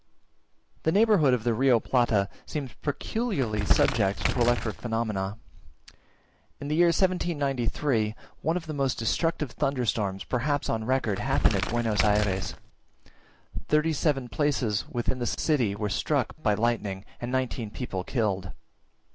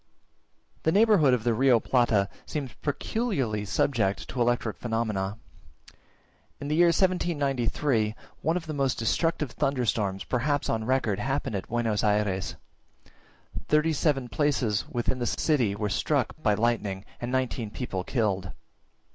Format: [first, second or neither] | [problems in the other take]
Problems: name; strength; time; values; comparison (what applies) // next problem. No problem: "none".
second | background sound (Crumpling, crinkling); 1 dB below the speech